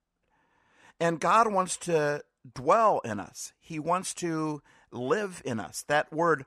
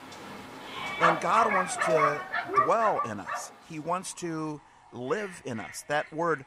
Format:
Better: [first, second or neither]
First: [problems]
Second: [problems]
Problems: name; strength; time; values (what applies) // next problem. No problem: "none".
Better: first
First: none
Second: animal sounds; very loud; throughout; 3 dB above the speech